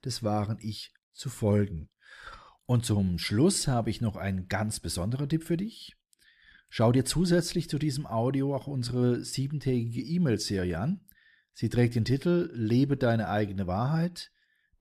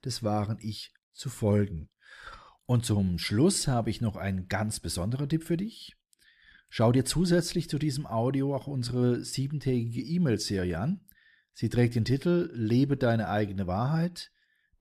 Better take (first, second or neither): neither